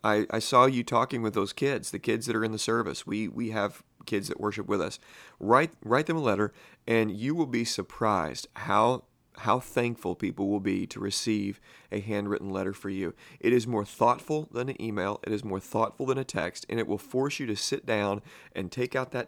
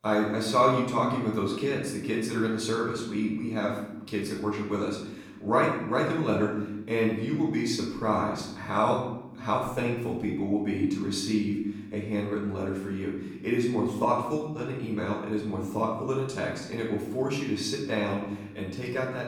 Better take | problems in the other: first | off-mic speech; far // room echo; noticeable; dies away in 1 s

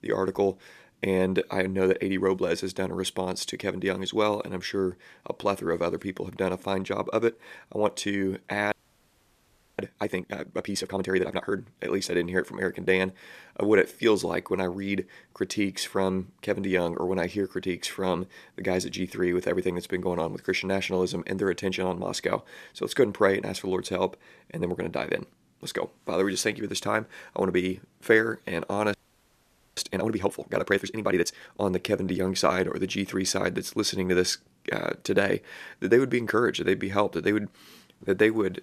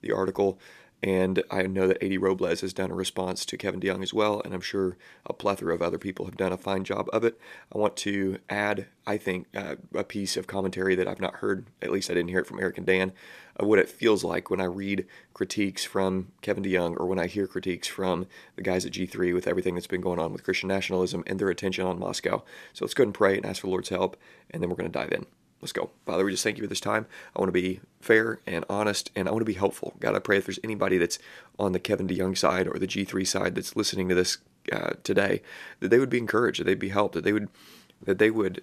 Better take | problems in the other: second | audio freezing; at 8.5 s for 1 s and at 29 s for 1 s

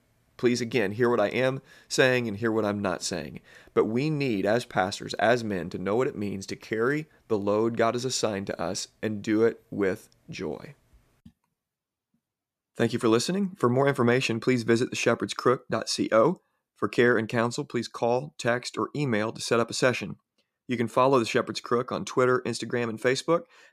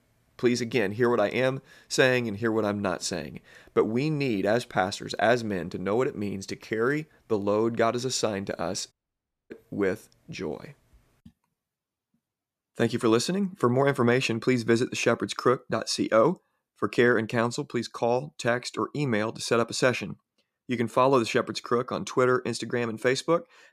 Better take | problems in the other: first | audio cutting out; at 9 s for 0.5 s

